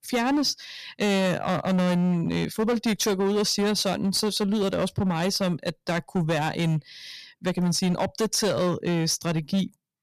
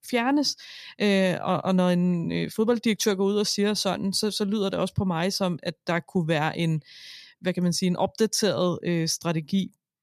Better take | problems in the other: second | distortion; slight; 16% of the sound clipped

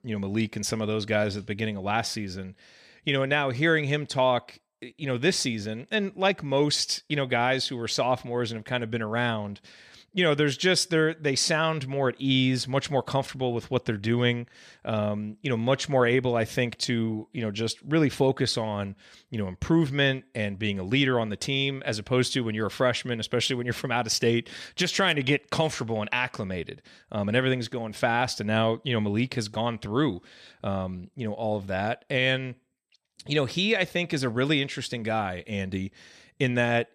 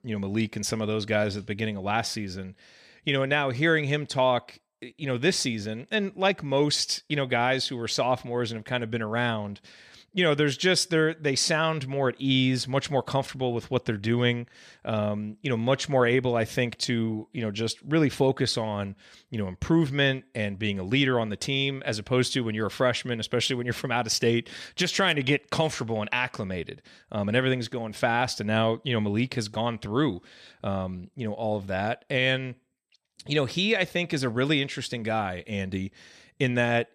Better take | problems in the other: neither | none

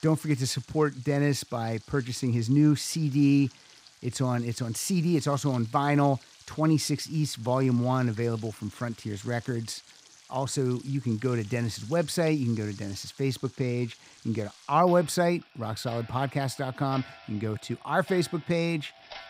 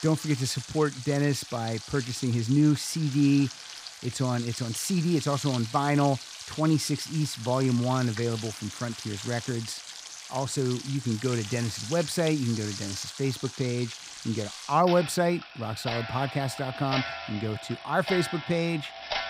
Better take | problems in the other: first | household noises; loud; throughout; 10 dB below the speech; faint in the first

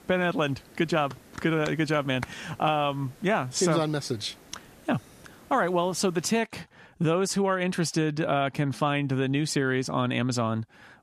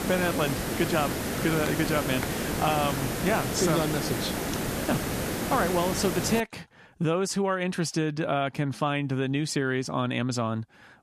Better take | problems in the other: first | hiss; loud; until 6.5 s; 2 dB below the speech; faint in the first

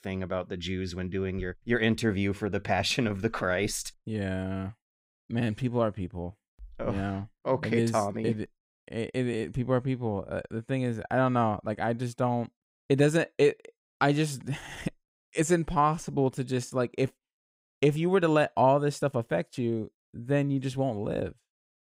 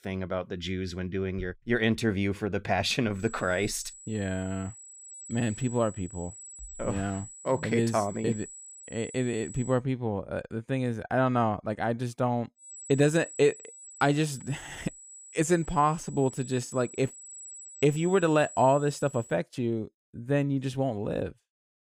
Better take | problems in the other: first | high-pitched whine; noticeable; from 3 to 9.5 s and from 13 to 19 s; 8 kHz, 15 dB below the speech

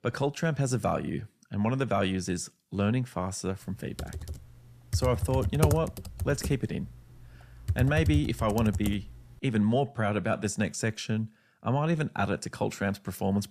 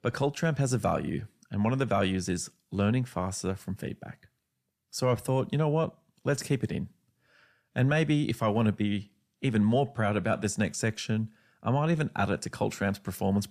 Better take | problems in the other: second | keyboard typing; loud; from 4 to 9 s; peak 2 dB above the speech

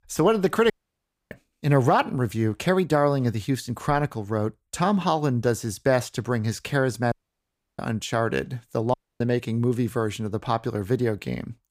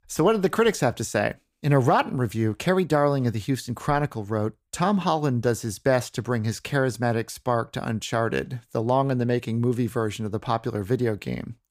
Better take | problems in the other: second | audio cutting out; at 0.5 s for 0.5 s, at 7 s for 0.5 s and at 9 s

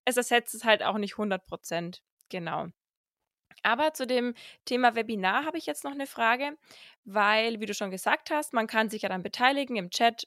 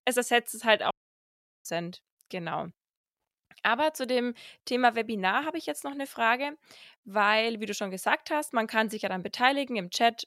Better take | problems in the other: first | audio cutting out; at 1 s for 0.5 s

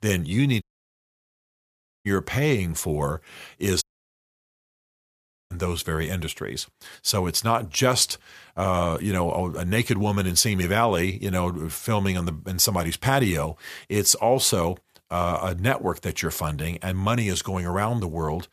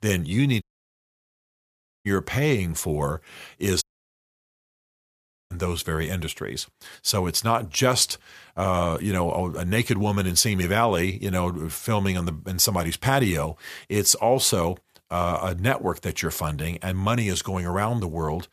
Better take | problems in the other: neither | audio cutting out; at 0.5 s for 1.5 s and at 4 s for 1.5 s; the same in both

